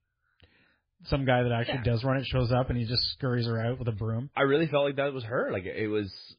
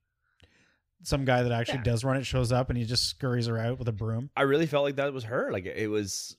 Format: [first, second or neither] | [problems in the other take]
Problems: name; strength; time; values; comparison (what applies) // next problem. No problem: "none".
second | garbled, watery; badly; nothing above 4.5 kHz